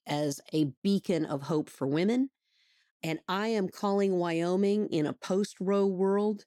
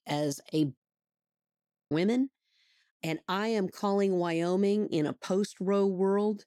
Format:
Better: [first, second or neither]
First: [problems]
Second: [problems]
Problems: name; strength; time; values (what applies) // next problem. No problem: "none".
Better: first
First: none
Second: audio freezing; at 1 s for 1 s